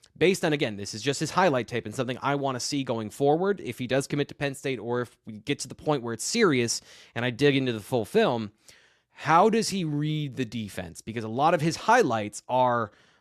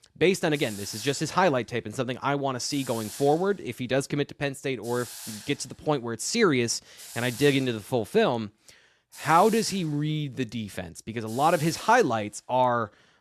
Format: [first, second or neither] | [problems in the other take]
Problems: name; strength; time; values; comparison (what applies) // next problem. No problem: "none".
first | hiss; noticeable; throughout; 15 dB below the speech